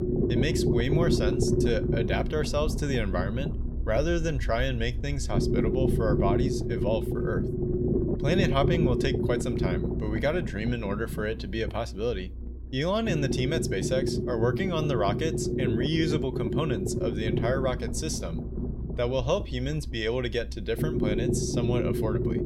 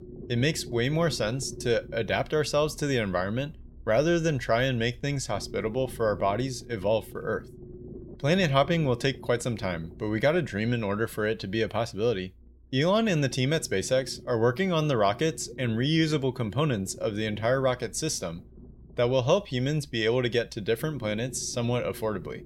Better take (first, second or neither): second